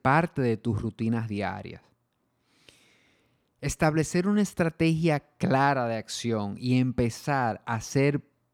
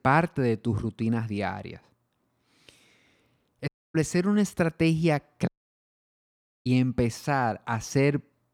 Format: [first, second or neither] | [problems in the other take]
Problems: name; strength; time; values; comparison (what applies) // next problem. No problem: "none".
first | audio cutting out; at 3.5 s and at 5.5 s for 1 s